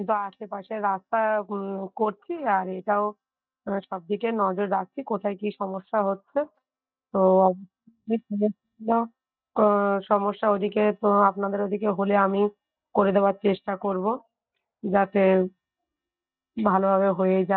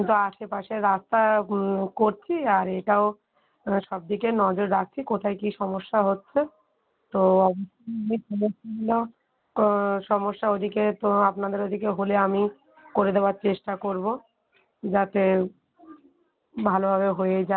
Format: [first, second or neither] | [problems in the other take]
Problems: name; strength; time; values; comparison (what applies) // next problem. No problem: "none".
second | noise reduction (neural mask model DeepFilterNet 3)